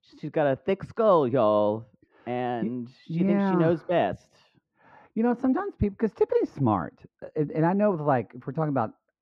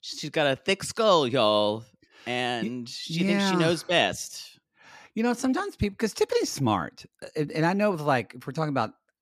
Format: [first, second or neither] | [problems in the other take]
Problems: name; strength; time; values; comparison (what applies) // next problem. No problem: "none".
second | muffled; very; fading above 3 kHz